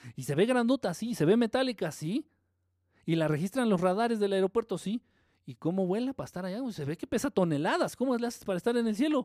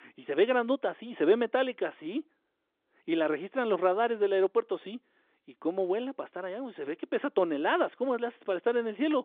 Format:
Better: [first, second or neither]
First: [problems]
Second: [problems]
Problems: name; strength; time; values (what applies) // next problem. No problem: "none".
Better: first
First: none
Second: phone-call audio